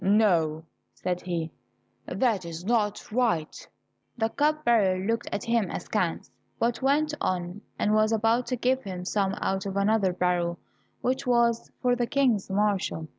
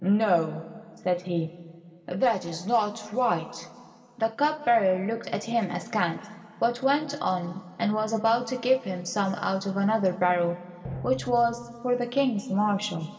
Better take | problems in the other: first | background sound (Drum); 11 dB below the speech // room echo; dies away in 2.5 s

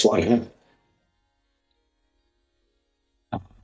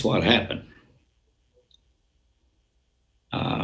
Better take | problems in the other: second | noise reduction (neural mask model DeepFilterNet 3)

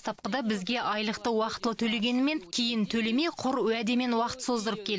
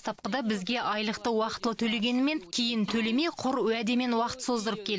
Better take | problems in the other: first | background sound (Snare drum); 18 dB below the speech

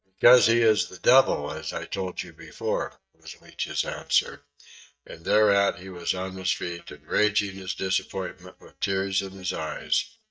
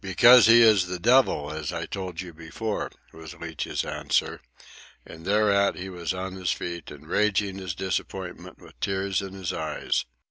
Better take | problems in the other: second | noise reduction (neural mask model DeepFilterNet 3)

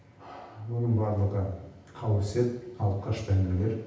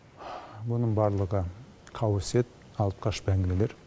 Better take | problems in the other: second | room echo; dies away in 0.9 s

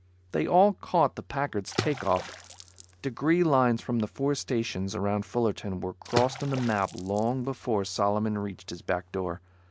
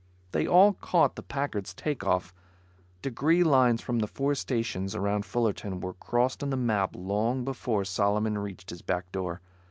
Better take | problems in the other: second | background sound (Water / Splash, splatter); 13 dB below the speech

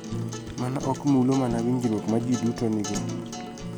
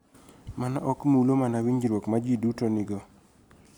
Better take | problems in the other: second | background sound (Acoustic guitar + Fire); 7 dB below the speech

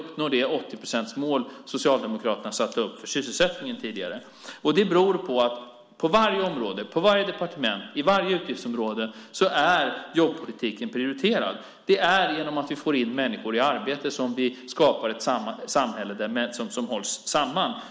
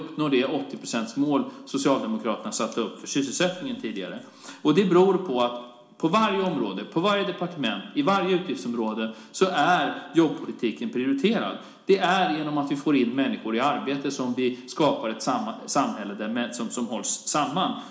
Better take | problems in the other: first | room echo; dies away in 0.4 s

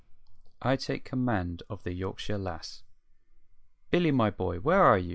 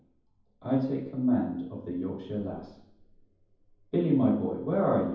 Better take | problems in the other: first | room echo; dies away in 0.9 s

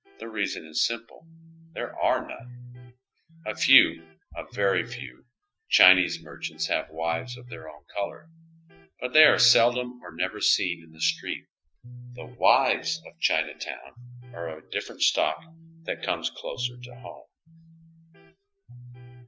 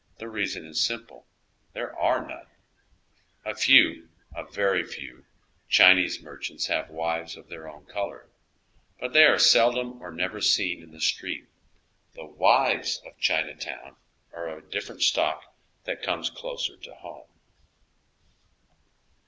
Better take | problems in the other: second | noise reduction (classical method Wiener filter)

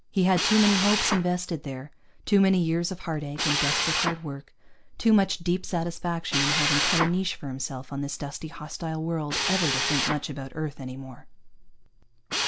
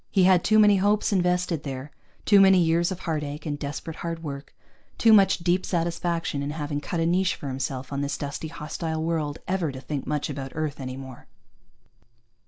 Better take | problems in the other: second | background sound (Drill); 4 dB below the speech

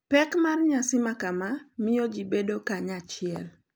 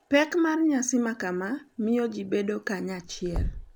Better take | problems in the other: first | background sound (Toilet flush); 12 dB below the speech

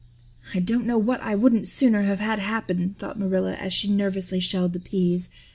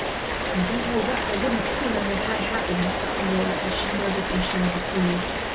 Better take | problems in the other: first | background sound (Rain); 1 dB above the speech // room echo; dies away in 0.2 s

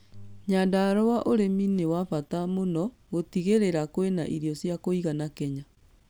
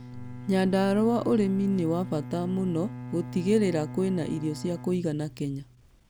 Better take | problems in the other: first | background sound (Bowed string instrument); 12 dB below the speech

